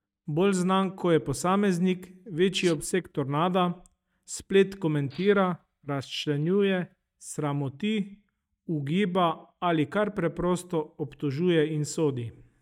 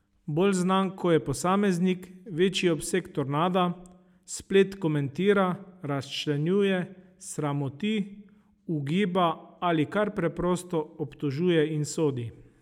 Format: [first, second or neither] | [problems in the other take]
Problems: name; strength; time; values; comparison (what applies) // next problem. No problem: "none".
second | noise reduction (neural mask model DeepFilterNet 3)